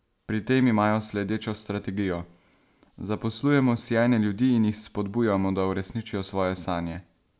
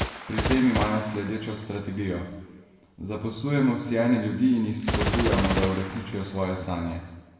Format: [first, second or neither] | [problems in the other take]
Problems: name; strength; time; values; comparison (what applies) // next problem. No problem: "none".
first | background sound (Gunshot, gunfire); 6 dB below the speech // room echo; dies away in 1.1 s